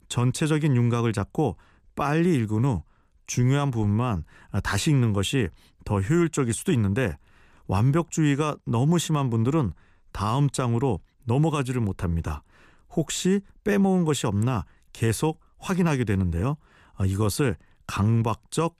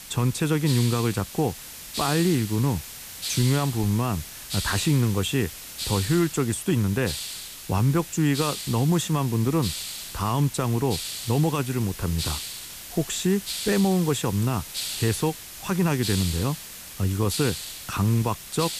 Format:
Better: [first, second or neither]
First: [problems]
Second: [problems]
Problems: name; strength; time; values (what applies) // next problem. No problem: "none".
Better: first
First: none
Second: hiss; loud; throughout; 8 dB below the speech